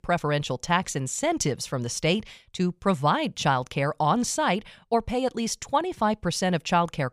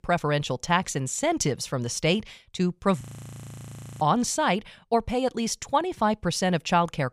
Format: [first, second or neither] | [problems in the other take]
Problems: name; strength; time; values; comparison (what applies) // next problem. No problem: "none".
first | audio freezing; at 3 s for 1 s